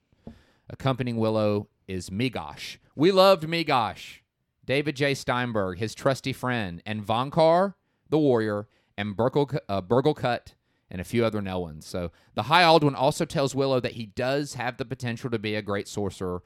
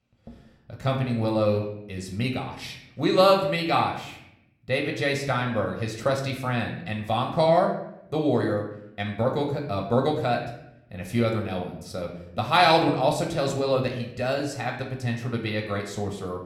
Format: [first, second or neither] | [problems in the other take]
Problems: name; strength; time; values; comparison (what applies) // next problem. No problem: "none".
first | room echo; slight; dies away in 0.6 s // off-mic speech; somewhat distant